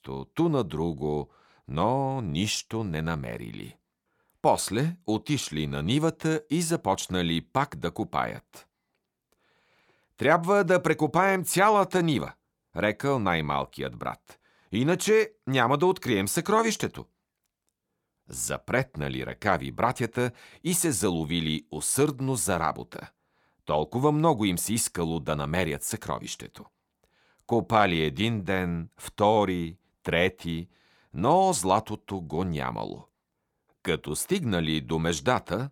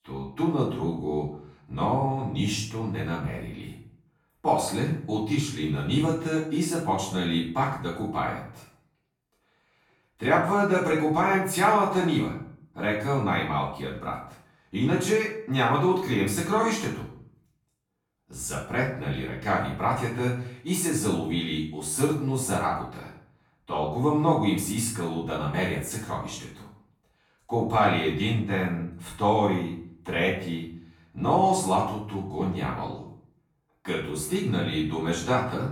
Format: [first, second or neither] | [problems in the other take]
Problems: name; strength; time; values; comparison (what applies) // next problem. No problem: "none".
first | room echo; noticeable; dies away in 0.5 s // off-mic speech; far